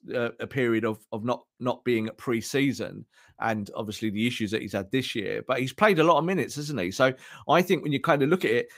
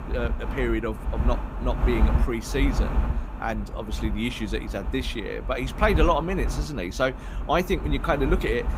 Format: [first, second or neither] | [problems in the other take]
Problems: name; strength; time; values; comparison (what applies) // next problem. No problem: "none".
first | wind noise on the microphone; heavy; 10 dB below the speech